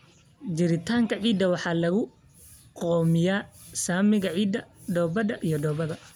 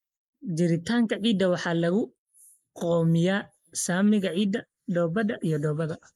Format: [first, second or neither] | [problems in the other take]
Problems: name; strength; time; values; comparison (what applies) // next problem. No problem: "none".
first | noise reduction (neural mask model Resemble Enhance denoiser)